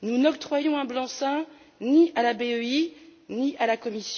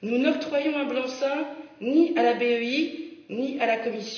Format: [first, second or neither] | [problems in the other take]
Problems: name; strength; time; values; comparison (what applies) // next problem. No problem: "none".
first | room echo; dies away in 0.9 s